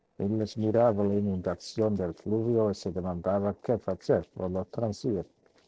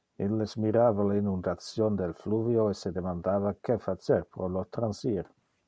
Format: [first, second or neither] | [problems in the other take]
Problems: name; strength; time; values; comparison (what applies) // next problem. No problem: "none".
second | noise reduction (neural separator model SepFormer DNS4)